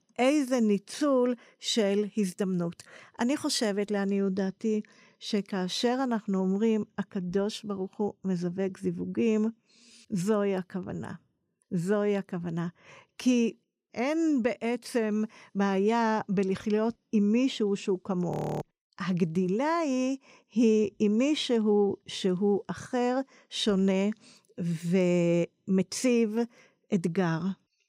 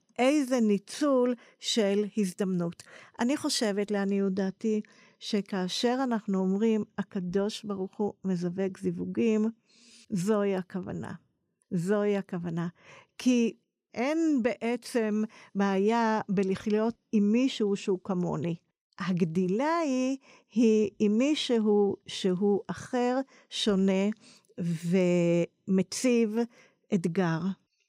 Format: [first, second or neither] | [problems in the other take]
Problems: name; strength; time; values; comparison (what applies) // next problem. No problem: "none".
second | audio freezing; at 18 s